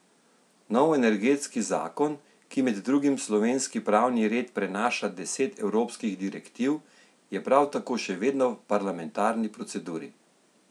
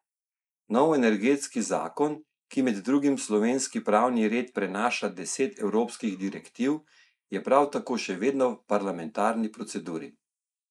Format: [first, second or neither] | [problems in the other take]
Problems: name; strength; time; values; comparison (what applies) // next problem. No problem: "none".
first | noise reduction (neural mask model Resemble Enhance denoiser)